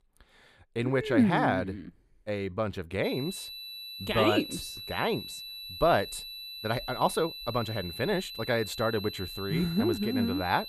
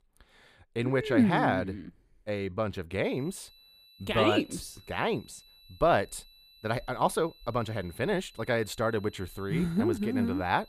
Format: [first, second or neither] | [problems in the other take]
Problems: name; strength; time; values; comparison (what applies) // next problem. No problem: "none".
second | high-pitched whine; loud; from 3 s on; 4 kHz, 9 dB below the speech; faint in the second